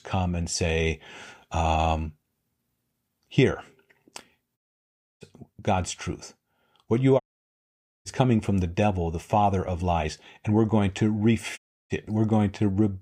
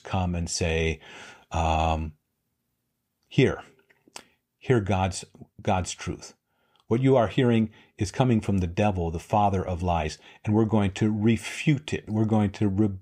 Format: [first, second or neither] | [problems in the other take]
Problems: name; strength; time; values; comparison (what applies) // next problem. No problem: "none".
second | audio cutting out; at 4.5 s for 0.5 s, at 7 s for 1 s and at 12 s